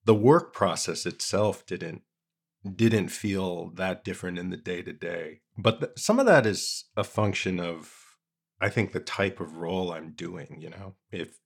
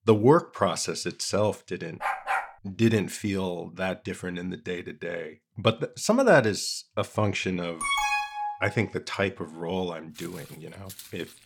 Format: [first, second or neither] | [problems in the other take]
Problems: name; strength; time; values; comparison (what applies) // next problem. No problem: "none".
first | dog barking; noticeable; at 2 s; peak 1 dB below the speech // alarm; loud; at 8 s; peak 2 dB above the speech // footsteps; faint; from 10 s on; peak 15 dB below the speech